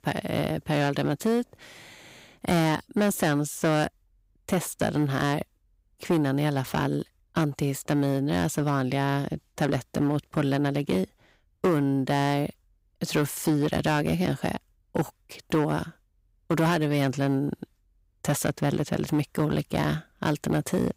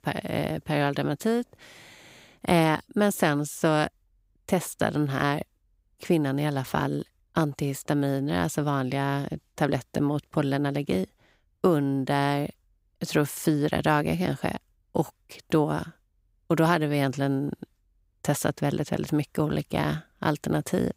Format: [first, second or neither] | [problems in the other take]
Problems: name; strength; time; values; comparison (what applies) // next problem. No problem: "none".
second | distortion; slight; 5% of the sound clipped